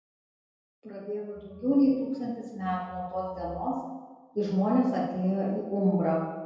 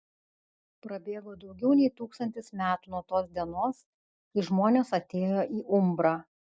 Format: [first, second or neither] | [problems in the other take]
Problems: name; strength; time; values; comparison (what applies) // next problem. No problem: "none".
second | room echo; dies away in 1.2 s